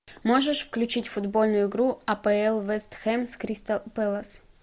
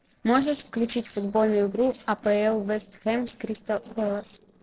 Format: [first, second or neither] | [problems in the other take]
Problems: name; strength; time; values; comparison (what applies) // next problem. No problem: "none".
first | noise reduction (neural separator model SepFormer DNS4)